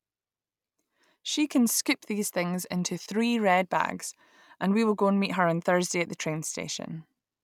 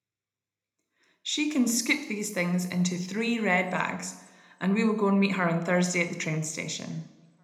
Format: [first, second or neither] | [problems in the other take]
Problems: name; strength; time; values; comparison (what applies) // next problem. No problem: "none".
first | room echo; dies away in 0.7 s